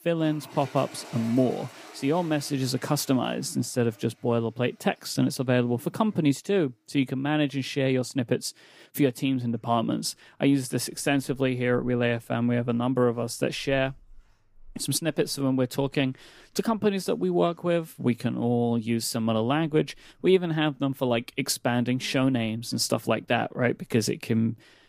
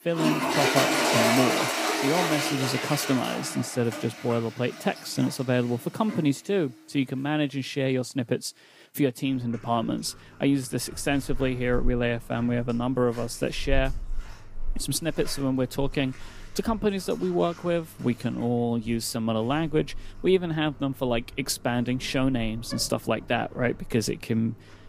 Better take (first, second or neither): first